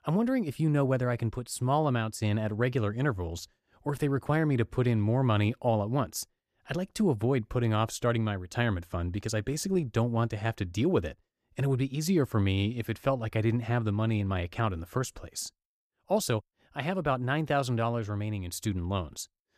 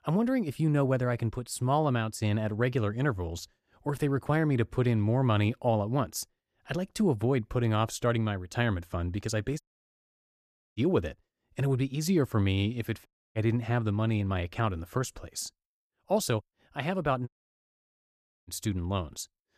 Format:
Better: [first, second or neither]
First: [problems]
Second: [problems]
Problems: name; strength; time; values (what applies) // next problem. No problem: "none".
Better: first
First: none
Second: audio cutting out; at 9.5 s for 1 s, at 13 s and at 17 s for 1 s